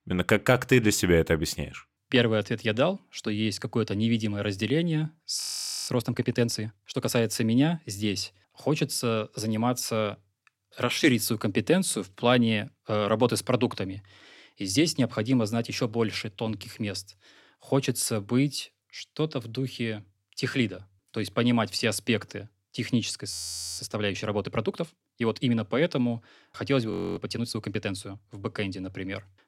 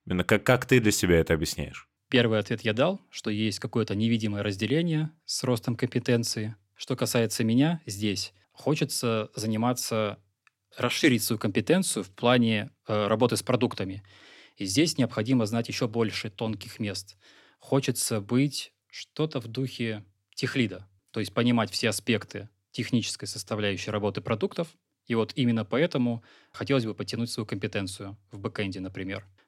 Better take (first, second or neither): second